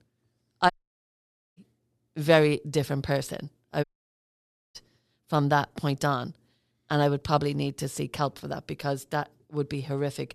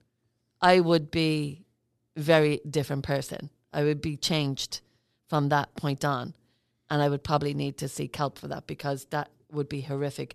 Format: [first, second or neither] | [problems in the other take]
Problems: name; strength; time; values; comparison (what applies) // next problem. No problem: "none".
second | audio cutting out; at 0.5 s for 1 s and at 4 s for 1 s